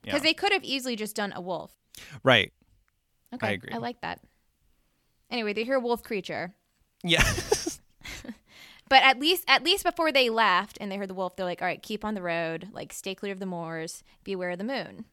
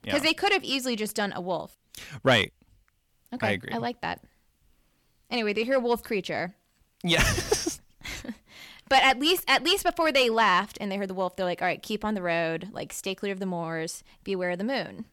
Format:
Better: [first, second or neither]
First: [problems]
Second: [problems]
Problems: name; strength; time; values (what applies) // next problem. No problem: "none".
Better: first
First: none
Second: distortion; slight; 10 dB below the speech